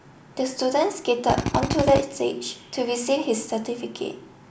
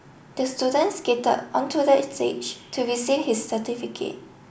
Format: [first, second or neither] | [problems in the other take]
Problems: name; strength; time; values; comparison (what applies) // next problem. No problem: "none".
second | background sound (Drill); 1 dB below the speech